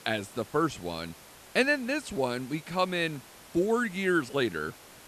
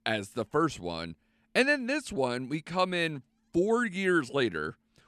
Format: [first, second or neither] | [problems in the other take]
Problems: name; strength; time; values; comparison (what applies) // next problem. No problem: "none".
second | hiss; noticeable; throughout; 20 dB below the speech